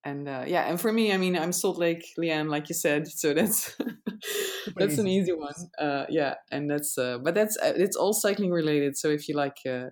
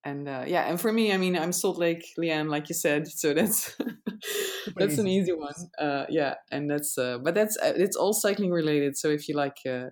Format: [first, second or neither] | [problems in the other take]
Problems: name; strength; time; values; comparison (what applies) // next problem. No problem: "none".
neither | none